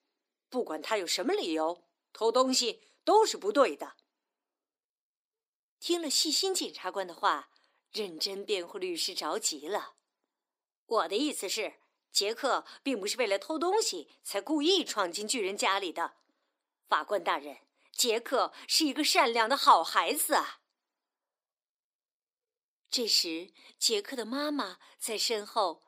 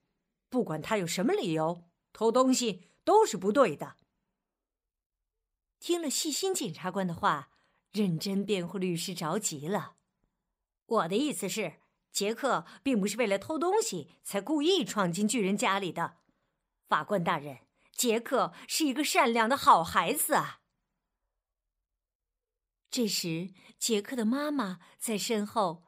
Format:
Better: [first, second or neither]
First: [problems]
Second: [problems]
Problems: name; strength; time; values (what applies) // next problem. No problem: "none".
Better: second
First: thin; very slightly; fading below 300 Hz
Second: none